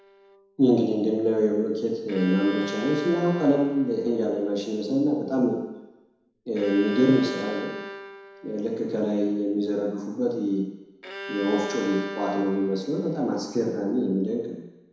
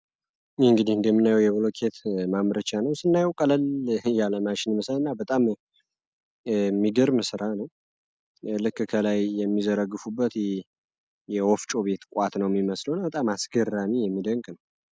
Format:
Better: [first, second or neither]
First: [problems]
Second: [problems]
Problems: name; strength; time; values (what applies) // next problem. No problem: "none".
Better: second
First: background sound (Bowed string instrument); 14 dB below the speech // room echo; dies away in 1 s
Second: none